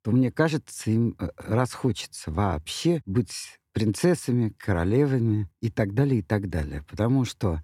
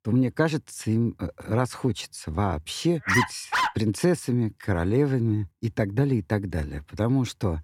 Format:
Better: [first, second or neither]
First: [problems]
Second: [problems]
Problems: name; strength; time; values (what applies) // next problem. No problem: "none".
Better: first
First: none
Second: dog barking; loud; at 3 s; peak 2 dB above the speech